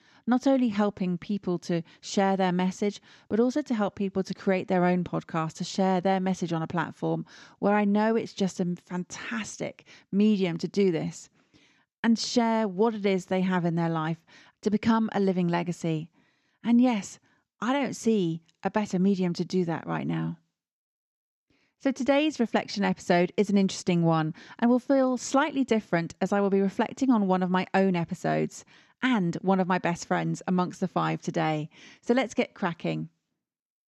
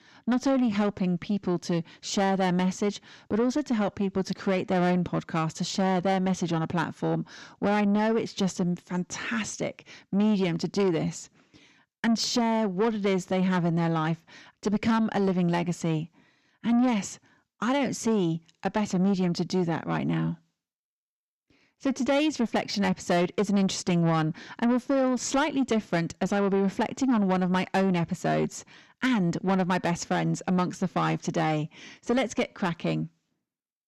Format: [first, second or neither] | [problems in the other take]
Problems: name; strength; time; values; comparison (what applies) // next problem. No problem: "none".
first | distortion; slight; 10 dB below the speech